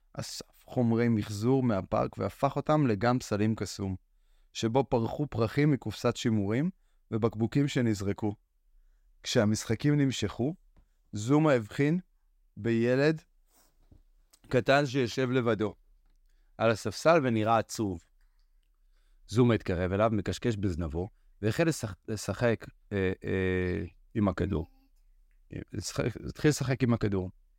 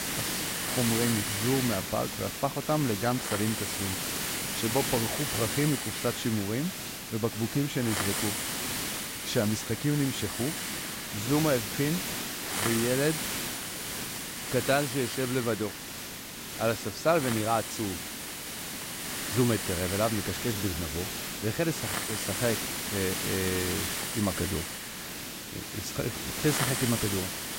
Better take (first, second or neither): first